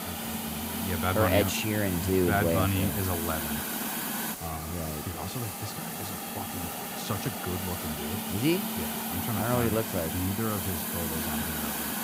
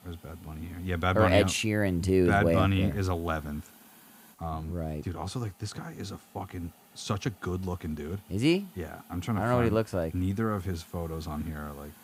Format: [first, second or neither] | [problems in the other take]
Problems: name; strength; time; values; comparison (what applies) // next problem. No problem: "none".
second | hiss; loud; throughout; 1 dB below the speech; faint in the second